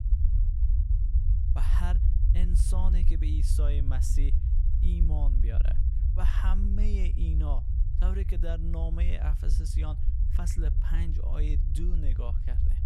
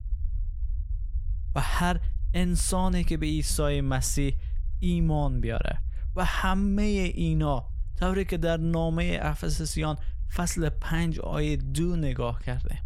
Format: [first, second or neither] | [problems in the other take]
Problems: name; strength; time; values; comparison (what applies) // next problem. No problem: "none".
second | low rumble; loud; throughout; 4 dB below the speech; faint in the second